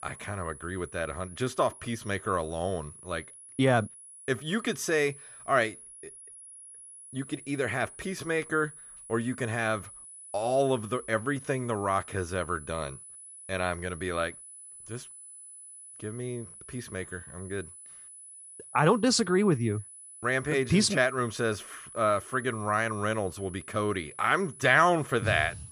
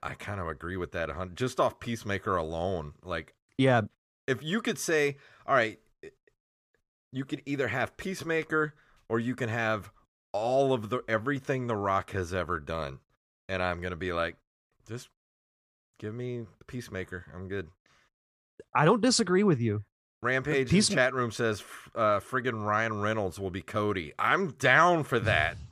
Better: second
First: high-pitched whine; noticeable; throughout; 10 kHz, 15 dB below the speech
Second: none

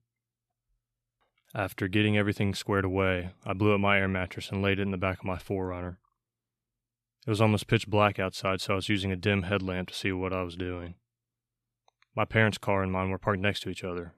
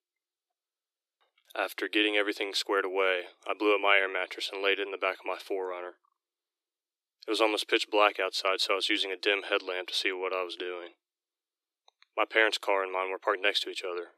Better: first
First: none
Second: thin; very; fading below 300 Hz

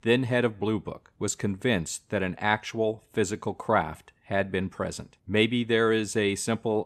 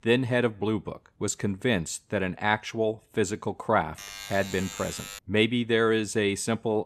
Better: first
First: none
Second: alarm; faint; from 4 to 5 s; peak 10 dB below the speech

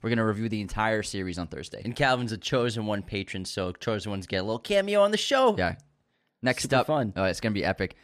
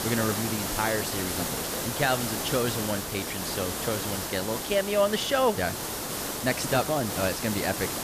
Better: first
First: none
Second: hiss; loud; throughout; 2 dB below the speech

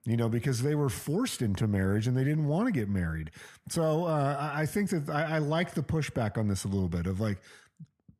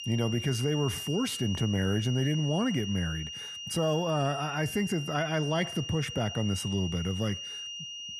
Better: first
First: none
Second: high-pitched whine; loud; throughout; 3 kHz, 7 dB below the speech

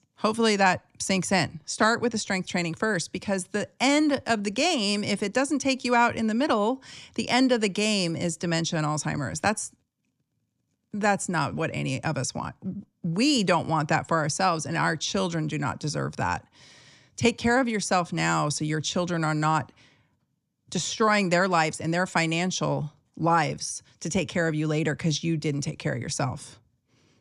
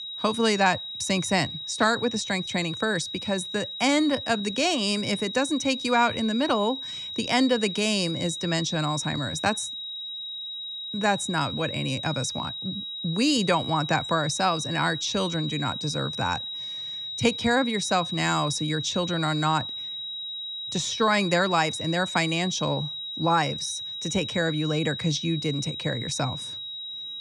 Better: first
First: none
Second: high-pitched whine; loud; throughout; 4 kHz, 6 dB below the speech

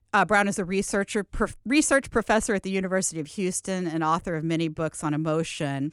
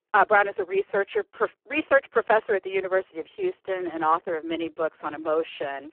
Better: first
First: none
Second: phone-call audio; poor line

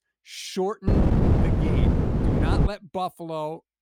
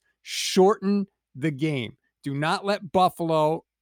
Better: second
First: wind noise on the microphone; heavy; from 1 to 2.5 s; 2 dB above the speech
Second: none

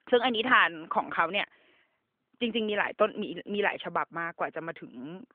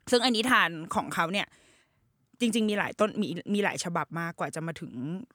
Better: second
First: phone-call audio; nothing above 3.5 kHz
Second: none

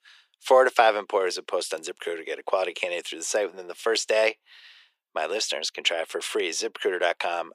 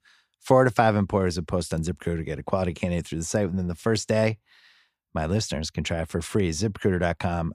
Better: second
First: thin; very; fading below 400 Hz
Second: none

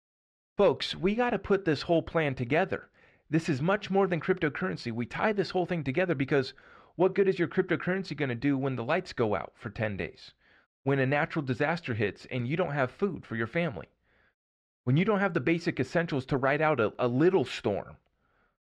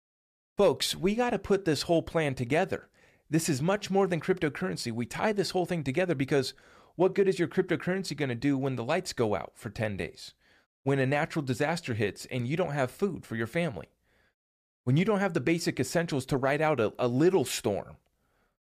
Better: second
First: muffled; slightly; fading above 3 kHz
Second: none

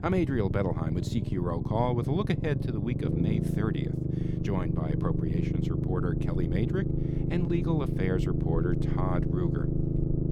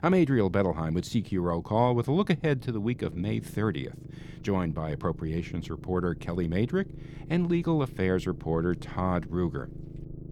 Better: second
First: low rumble; loud; throughout; 3 dB below the speech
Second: low rumble; faint; throughout; 20 dB below the speech

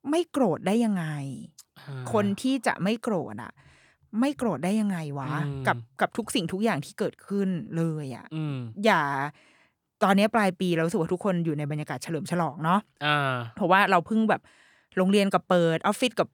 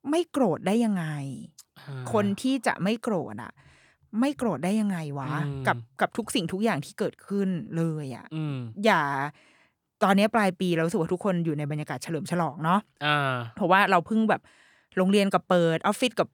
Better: neither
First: none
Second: none

